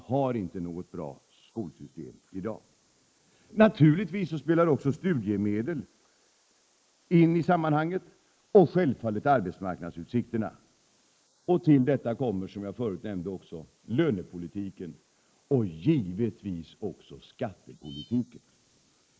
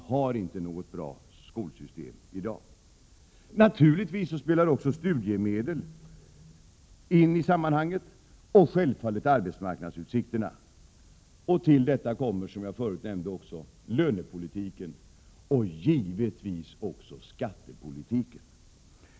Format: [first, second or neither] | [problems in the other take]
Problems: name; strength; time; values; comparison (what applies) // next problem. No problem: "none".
second | noise reduction (neural mask model Resemble Enhance denoiser)